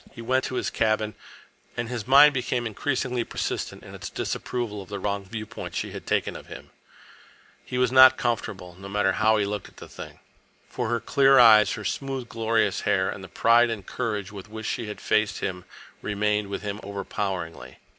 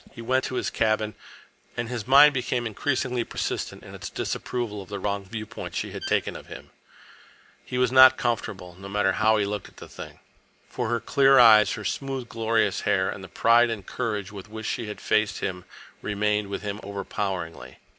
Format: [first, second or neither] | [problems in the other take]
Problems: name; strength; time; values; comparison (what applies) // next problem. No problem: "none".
first | background sound (Bowed string instrument); 17 dB below the speech